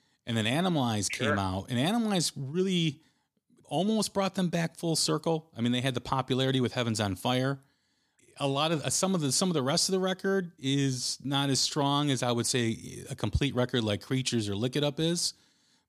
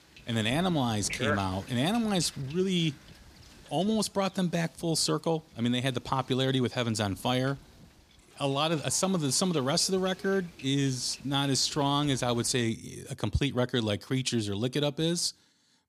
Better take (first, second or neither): first